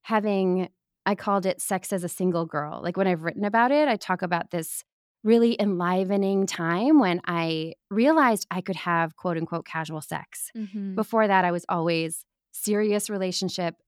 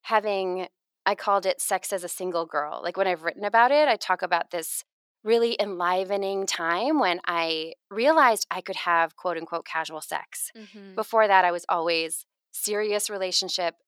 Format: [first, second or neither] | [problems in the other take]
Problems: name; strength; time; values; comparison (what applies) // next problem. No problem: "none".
first | thin; very; fading below 550 Hz